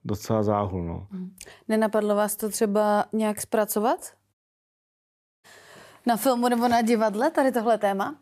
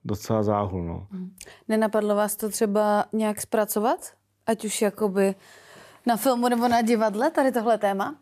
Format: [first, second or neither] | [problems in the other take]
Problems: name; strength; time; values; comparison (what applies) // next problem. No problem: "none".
second | audio cutting out; at 4.5 s for 1 s